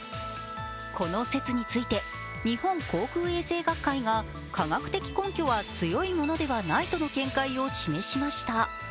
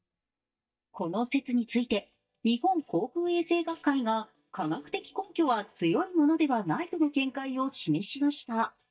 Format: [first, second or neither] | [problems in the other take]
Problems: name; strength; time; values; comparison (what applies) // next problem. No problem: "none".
first | noise reduction (neural mask model DeepFilterNet 3)